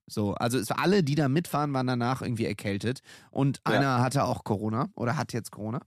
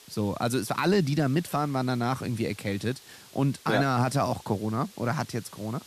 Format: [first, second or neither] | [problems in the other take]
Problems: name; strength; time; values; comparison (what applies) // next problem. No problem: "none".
first | hiss; faint; throughout; 20 dB below the speech